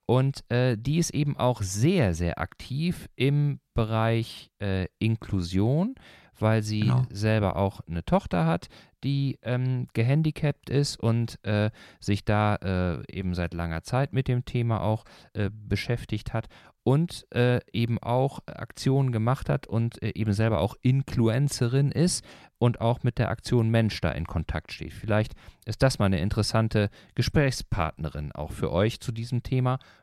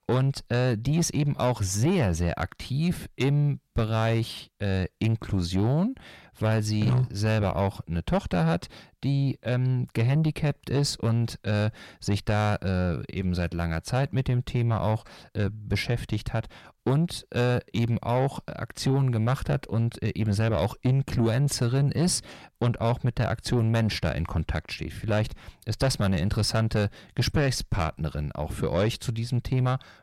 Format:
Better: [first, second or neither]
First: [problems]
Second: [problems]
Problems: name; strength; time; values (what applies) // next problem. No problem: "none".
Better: first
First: none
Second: distortion; slight; 10 dB below the speech